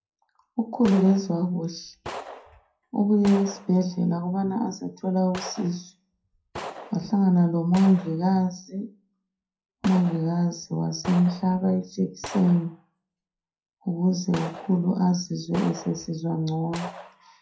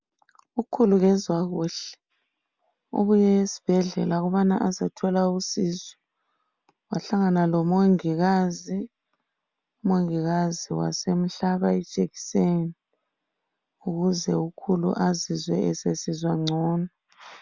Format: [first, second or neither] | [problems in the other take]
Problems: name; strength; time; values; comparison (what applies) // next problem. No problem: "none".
second | noise reduction (classical method WPE with log-MMSE)